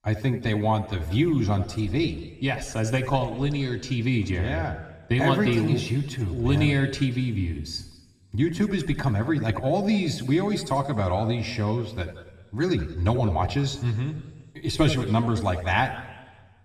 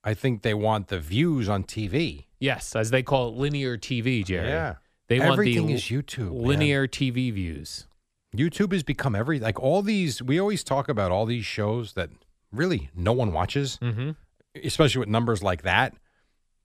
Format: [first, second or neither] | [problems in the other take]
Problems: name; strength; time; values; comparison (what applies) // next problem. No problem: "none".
second | room echo; noticeable; dies away in 1.1 s // off-mic speech; somewhat distant